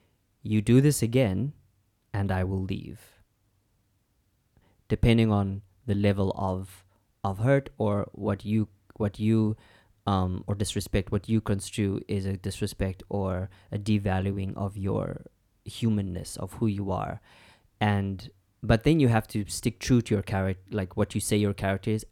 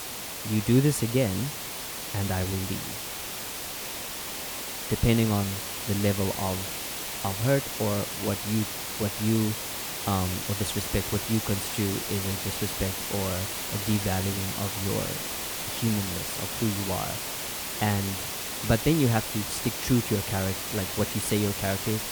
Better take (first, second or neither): first